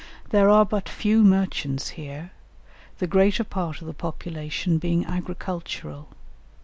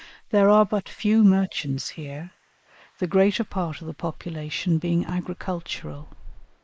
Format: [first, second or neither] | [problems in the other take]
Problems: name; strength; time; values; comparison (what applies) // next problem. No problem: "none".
first | noise reduction (neural mask model Resemble Enhance denoiser)